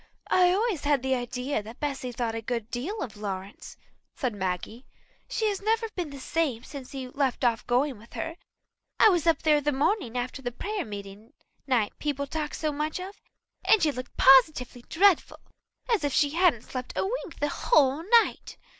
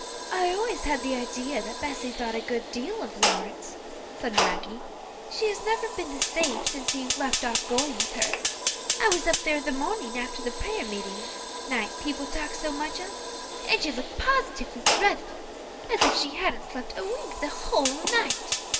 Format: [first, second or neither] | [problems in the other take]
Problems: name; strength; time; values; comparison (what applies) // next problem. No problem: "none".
first | background sound (Fire); 1 dB below the speech // room echo; dies away in 1.9 s